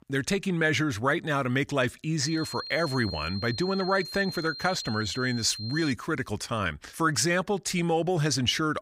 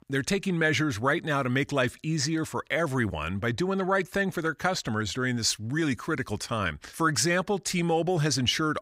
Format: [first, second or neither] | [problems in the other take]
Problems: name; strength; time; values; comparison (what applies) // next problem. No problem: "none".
second | high-pitched whine; loud; from 2 to 6 s; 4 kHz, 10 dB below the speech